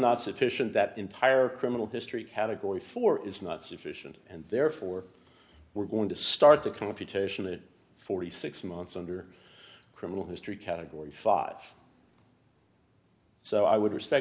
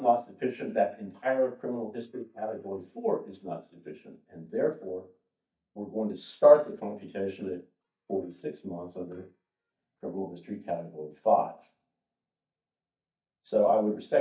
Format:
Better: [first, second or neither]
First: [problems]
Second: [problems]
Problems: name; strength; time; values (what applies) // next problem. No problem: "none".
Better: first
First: none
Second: noise reduction (neural mask model DeepFilterNet 3)